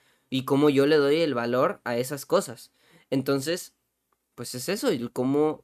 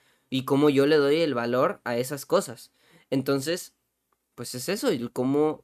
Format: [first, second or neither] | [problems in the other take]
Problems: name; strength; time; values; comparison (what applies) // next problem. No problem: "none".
neither | none